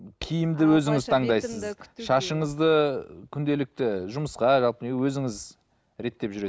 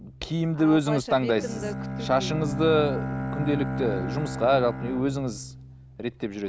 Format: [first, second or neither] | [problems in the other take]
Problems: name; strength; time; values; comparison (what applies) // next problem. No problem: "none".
first | background sound (Bowed string instrument); 7 dB below the speech